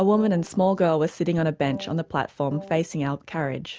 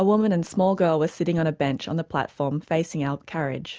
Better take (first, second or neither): second